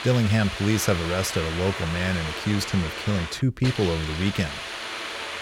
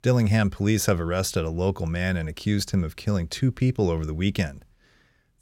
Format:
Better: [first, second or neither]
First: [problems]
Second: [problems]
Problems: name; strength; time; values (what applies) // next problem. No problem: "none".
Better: second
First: hiss; loud; throughout; 6 dB below the speech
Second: none